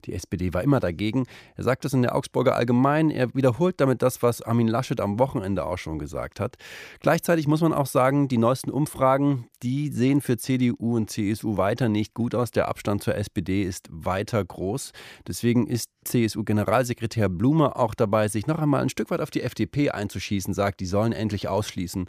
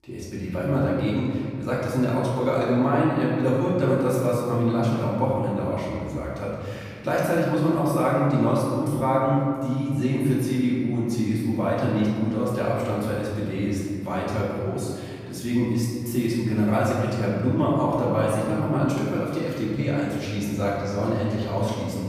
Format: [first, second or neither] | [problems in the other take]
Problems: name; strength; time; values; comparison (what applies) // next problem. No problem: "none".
first | room echo; strong; dies away in 2.2 s // off-mic speech; far